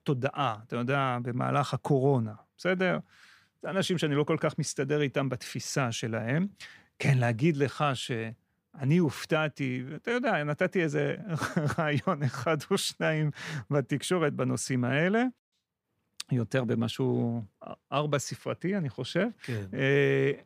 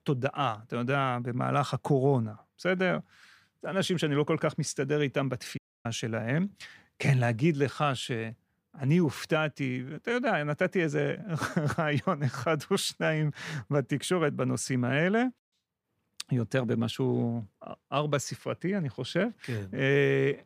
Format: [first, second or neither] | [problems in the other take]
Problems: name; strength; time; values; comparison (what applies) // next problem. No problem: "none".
first | audio cutting out; at 5.5 s